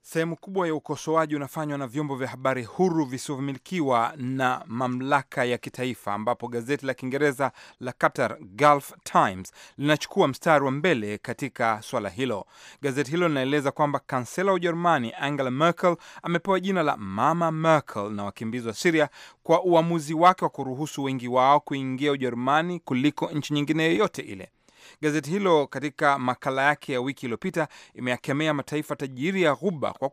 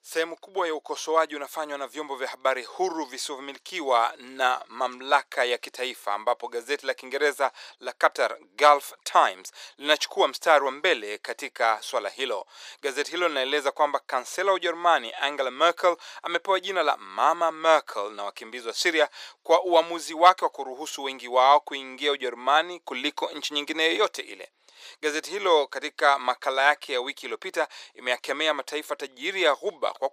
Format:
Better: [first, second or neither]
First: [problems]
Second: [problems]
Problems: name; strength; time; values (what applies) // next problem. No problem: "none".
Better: first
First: none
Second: thin; very; fading below 400 Hz